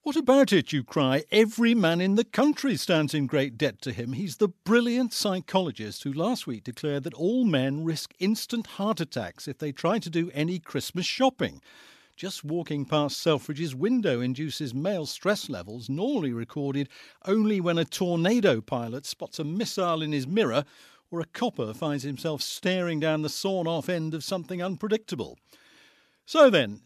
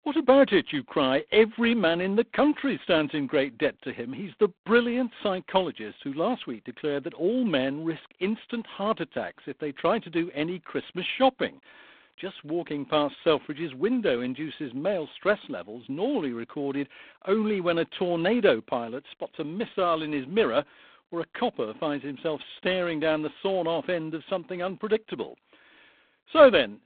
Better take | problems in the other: first | phone-call audio; poor line

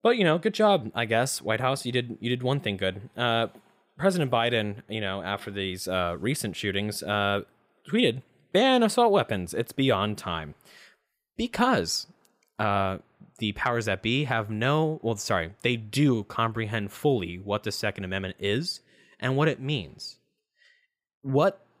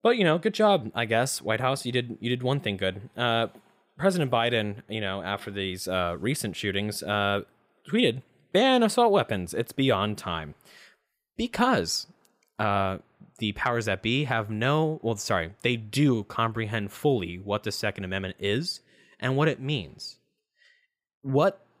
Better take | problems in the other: neither | none

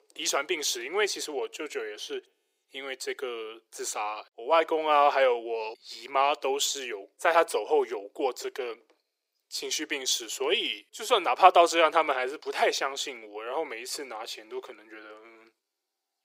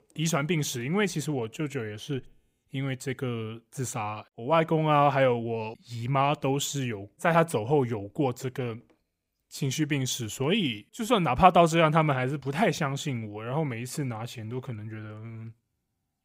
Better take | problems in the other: second | thin; very; fading below 350 Hz

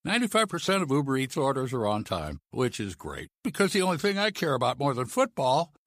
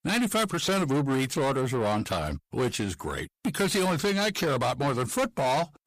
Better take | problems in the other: first | distortion; heavy; 8 dB below the speech

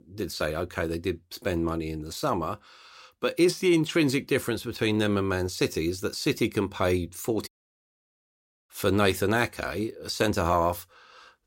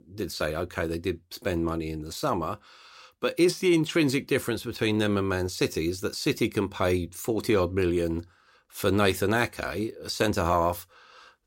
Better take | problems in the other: second | audio cutting out; at 7.5 s for 1 s

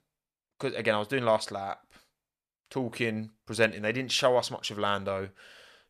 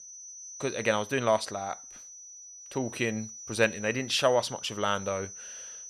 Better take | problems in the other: first | high-pitched whine; noticeable; throughout; 6 kHz, 15 dB below the speech

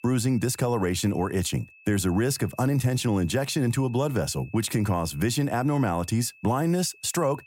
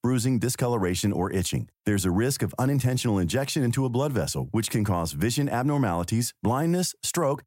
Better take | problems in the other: second | high-pitched whine; faint; throughout; 2.5 kHz, 25 dB below the speech

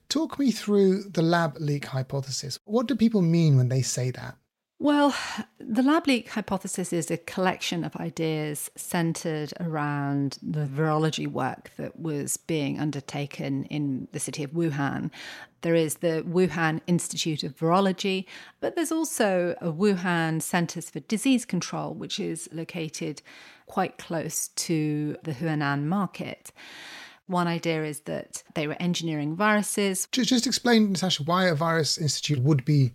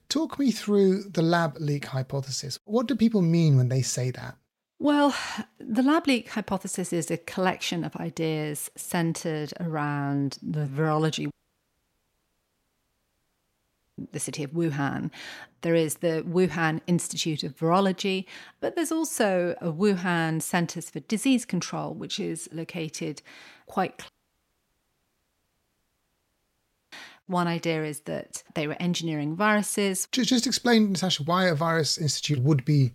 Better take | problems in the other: first | audio cutting out; at 11 s for 2.5 s and at 24 s for 3 s

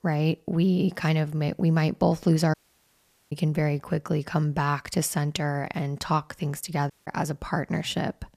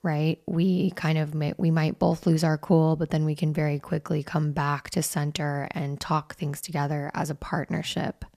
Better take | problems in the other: second | audio cutting out; at 2.5 s for 1 s and at 7 s

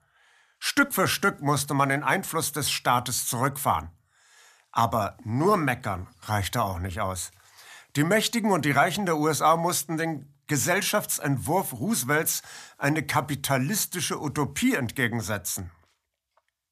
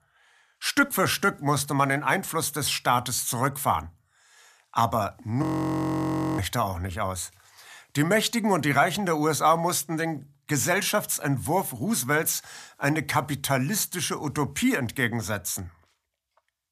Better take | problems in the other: first | audio freezing; at 5.5 s for 1 s

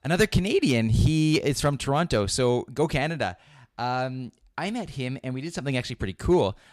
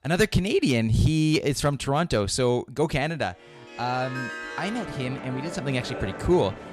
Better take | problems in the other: first | background music; noticeable; from 4 s on; 10 dB below the speech

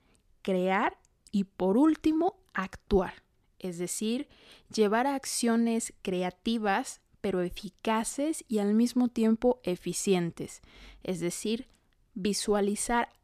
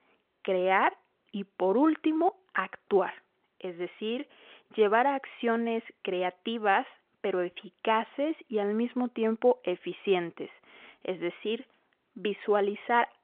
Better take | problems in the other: first | phone-call audio; nothing above 3.5 kHz

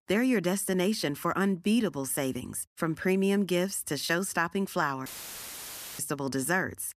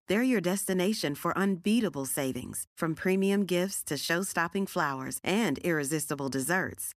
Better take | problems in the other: second | audio cutting out; filled with static; at 5 s for 1 s

